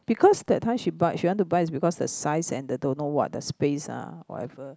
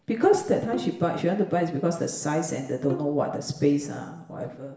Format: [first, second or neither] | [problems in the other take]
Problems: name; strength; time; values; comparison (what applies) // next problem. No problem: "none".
first | background sound (Bowed string instrument); 17 dB below the speech // room echo; dies away in 0.8 s